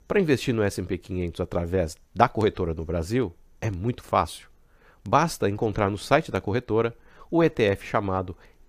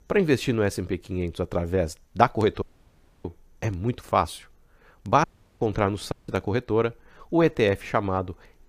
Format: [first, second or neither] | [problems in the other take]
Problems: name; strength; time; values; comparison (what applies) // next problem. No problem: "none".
first | audio cutting out; at 2.5 s for 0.5 s, at 5 s and at 6 s